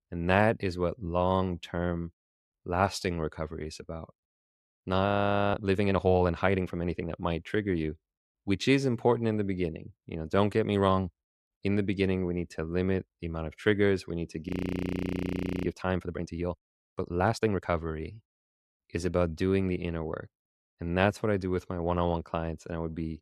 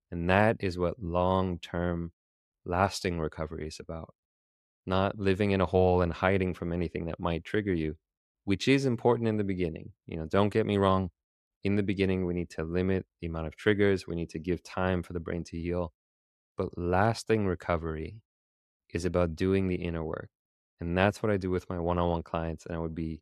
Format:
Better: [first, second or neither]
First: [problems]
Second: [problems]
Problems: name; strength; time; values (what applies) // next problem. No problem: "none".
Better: second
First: audio freezing; at 5 s and at 14 s for 1 s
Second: none